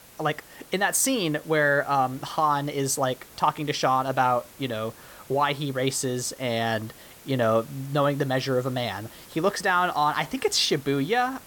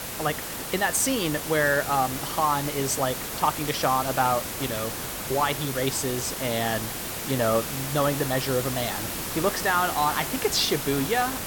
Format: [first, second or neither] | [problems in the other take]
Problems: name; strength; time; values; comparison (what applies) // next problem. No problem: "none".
first | hiss; loud; throughout; 4 dB below the speech; faint in the first